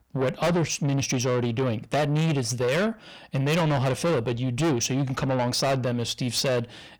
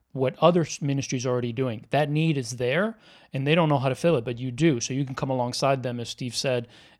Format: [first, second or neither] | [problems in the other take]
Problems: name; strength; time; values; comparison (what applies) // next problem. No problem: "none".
second | distortion; heavy; 6 dB below the speech